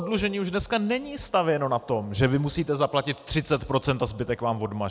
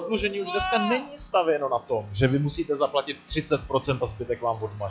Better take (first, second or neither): first